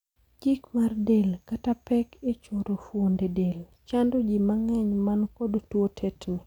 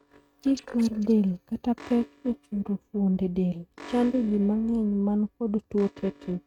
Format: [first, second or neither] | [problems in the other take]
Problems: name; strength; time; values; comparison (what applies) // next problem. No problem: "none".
first | noise reduction (neural mask model RNNoise)